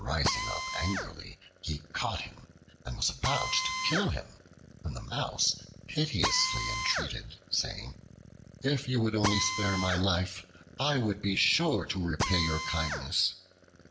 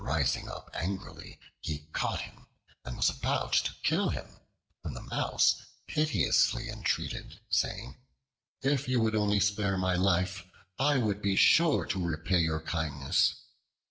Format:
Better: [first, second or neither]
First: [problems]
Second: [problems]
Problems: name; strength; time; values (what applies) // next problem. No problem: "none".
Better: second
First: background sound (Drill); 6 dB below the speech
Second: none